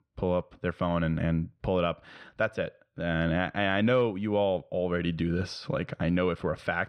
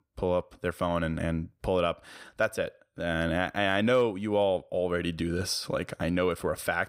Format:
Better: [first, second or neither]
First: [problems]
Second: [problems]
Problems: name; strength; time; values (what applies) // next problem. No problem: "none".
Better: second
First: muffled; very slightly; fading above 3 kHz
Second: none